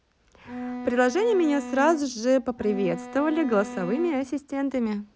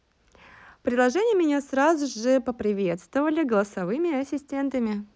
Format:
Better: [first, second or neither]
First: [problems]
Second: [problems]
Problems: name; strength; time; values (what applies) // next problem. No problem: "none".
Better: second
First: background sound (Bowed string instrument); 10 dB below the speech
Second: none